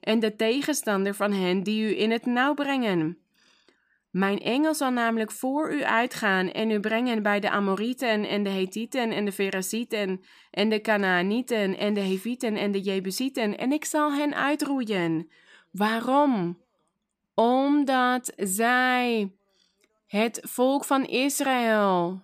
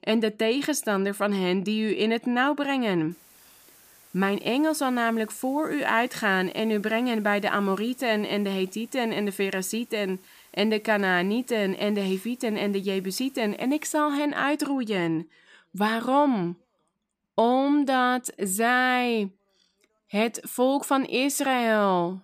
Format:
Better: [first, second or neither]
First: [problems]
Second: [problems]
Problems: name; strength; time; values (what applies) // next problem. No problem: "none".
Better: first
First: none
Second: hiss; faint; from 3 to 14 s; 25 dB below the speech